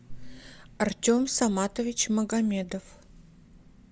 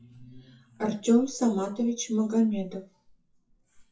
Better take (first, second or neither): first